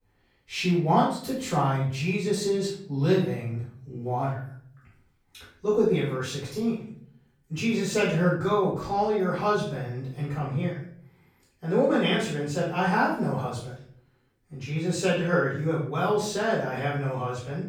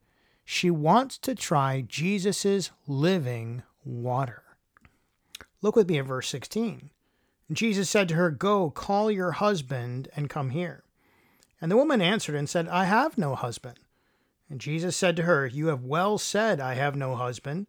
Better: second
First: off-mic speech; far // room echo; noticeable; dies away in 0.5 s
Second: none

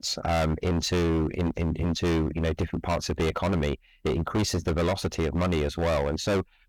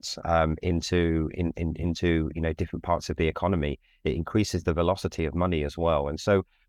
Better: second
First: distortion; heavy; 22% of the sound clipped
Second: none

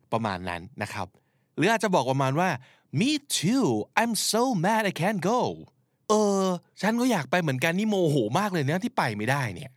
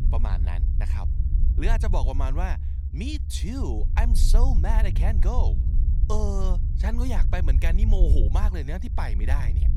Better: first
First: none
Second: low rumble; loud; throughout; 9 dB below the speech

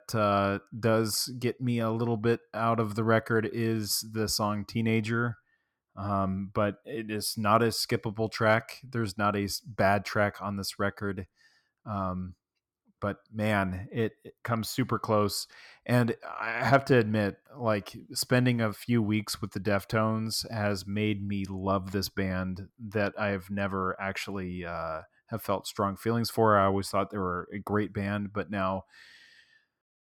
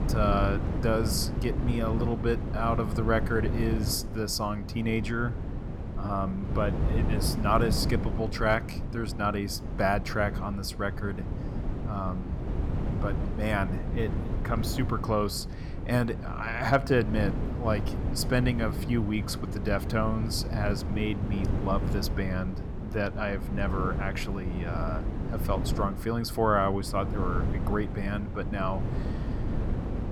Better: first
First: none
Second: wind noise on the microphone; heavy; 10 dB below the speech

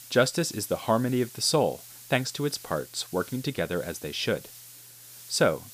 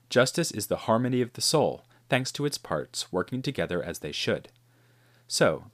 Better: second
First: hiss; noticeable; throughout; 15 dB below the speech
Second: none

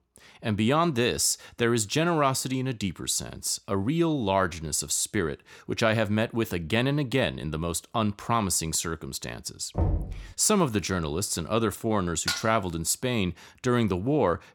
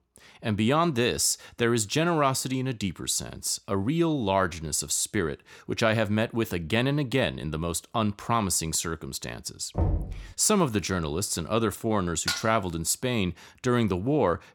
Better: neither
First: door banging; noticeable; at 10 s; peak 2 dB below the speech // clattering dishes; noticeable; at 12 s; peak 3 dB below the speech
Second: door banging; noticeable; at 10 s; peak 2 dB below the speech // clattering dishes; noticeable; at 12 s; peak 3 dB below the speech

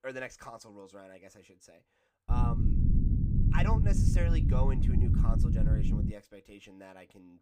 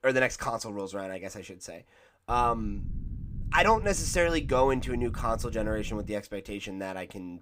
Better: second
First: low rumble; loud; from 2.5 to 6 s; as loud as the speech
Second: low rumble; faint; from 2.5 to 6 s; 25 dB below the speech

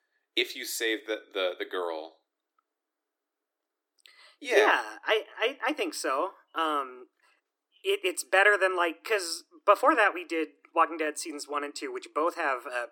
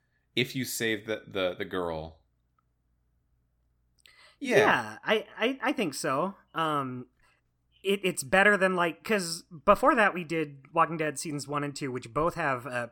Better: second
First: thin; somewhat; fading below 300 Hz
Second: none

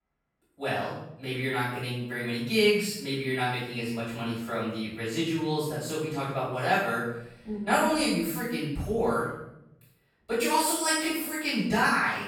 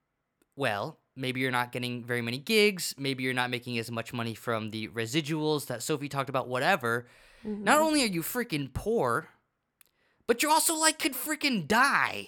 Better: second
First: room echo; strong; dies away in 0.7 s // off-mic speech; far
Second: none

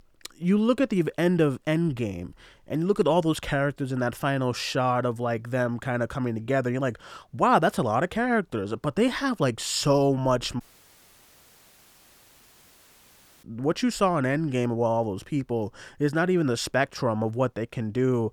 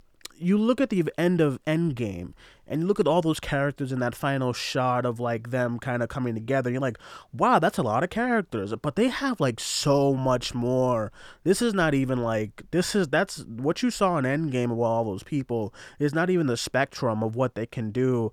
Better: second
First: audio cutting out; at 11 s for 3 s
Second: none

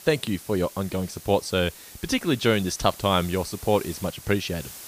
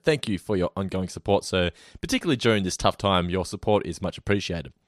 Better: second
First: hiss; noticeable; throughout; 15 dB below the speech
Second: none

